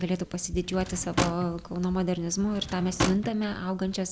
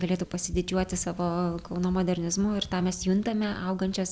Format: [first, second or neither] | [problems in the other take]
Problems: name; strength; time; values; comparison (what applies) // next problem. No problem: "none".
second | background sound (Drawer open or close / Wood); 6 dB below the speech